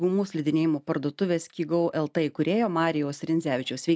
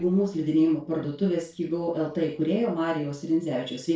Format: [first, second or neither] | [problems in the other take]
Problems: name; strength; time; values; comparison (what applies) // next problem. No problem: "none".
first | noise reduction (neural separator model SepFormer DNS4)